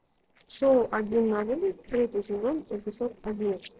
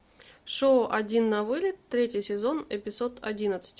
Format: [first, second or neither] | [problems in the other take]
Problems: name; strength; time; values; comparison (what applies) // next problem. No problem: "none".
second | noise reduction (neural separator model SepFormer DNS4)